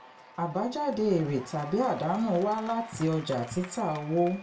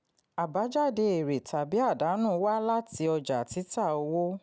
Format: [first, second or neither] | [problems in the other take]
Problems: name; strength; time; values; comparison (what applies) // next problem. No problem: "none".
second | background sound (Applause / Crowd / Cheering); 18 dB below the speech // room echo; dies away in 0.2 s